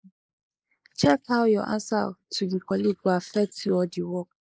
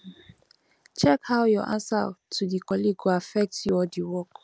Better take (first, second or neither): second